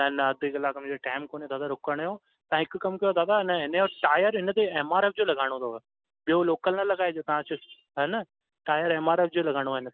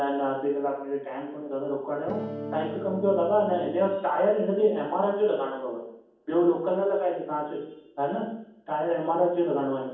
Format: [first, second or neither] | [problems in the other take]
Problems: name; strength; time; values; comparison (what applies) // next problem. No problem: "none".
first | background sound (Electric guitar / Strum); 9 dB below the speech // room echo; dies away in 1.2 s